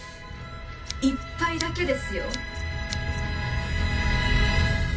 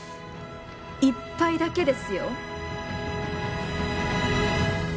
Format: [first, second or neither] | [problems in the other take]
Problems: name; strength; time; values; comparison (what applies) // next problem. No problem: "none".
second | background sound (Scissors); 17 dB below the speech // room echo; dies away in 0.2 s